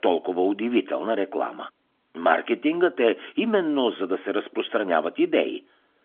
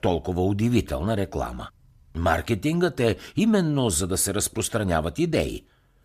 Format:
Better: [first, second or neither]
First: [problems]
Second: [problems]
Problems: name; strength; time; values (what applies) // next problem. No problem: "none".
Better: second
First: phone-call audio; nothing above 3.5 kHz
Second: none